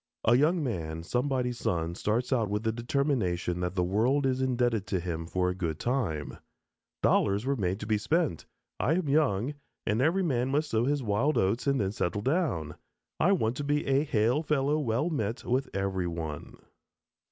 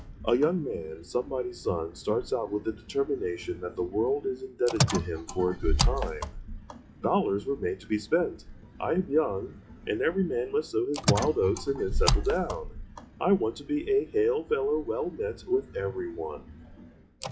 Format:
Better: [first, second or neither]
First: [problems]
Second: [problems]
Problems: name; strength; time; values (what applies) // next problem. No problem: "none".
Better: first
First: none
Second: noise reduction (classical method WPE with log-MMSE)